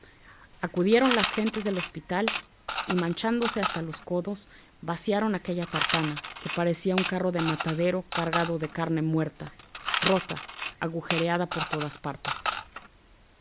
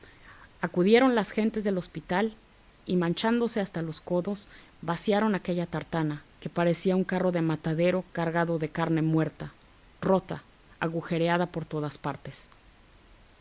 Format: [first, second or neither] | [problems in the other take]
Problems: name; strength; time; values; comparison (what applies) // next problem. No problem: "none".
second | background sound (Coin (dropping) / Mechanisms); 5 dB below the speech